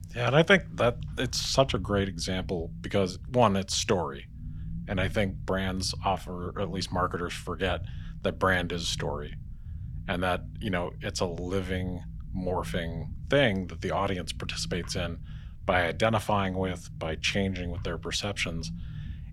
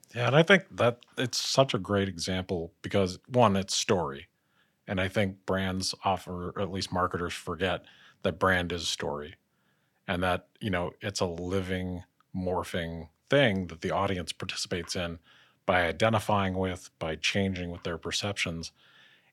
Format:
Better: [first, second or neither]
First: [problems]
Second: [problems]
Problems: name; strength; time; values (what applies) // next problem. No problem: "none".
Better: second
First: low rumble; faint; throughout; 25 dB below the speech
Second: none